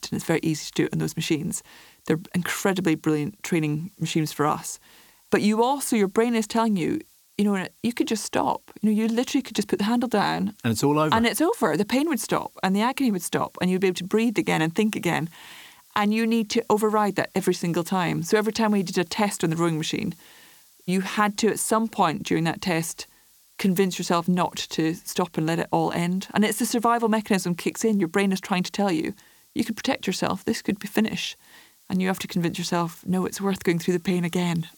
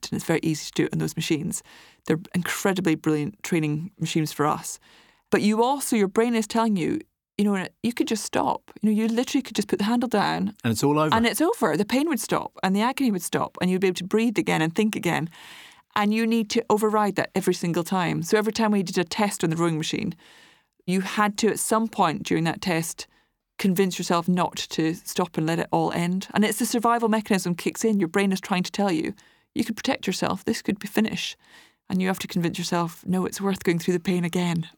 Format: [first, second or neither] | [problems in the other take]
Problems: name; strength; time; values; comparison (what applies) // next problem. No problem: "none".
second | hiss; faint; throughout; 30 dB below the speech